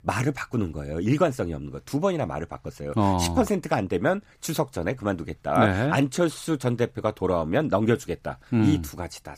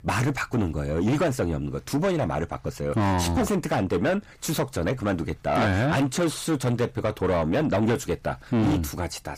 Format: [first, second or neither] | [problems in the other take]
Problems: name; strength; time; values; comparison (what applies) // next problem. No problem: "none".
first | distortion; heavy; 7 dB below the speech